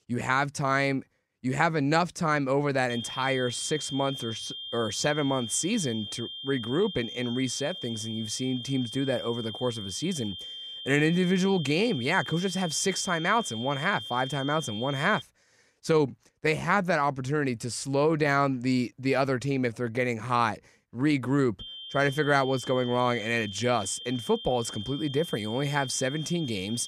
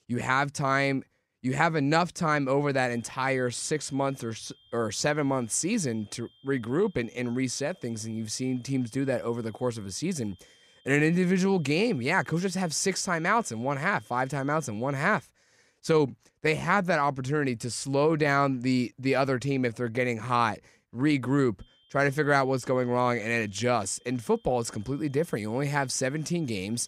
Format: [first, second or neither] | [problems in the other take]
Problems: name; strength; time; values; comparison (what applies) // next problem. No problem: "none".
second | high-pitched whine; loud; from 3 to 15 s and from 22 s on; 3 kHz, 9 dB below the speech; faint in the second